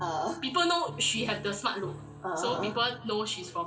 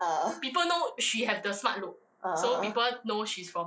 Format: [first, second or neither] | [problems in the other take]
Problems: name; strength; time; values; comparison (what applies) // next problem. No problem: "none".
second | background sound (Piano); 14 dB below the speech // room echo; dies away in 2.5 s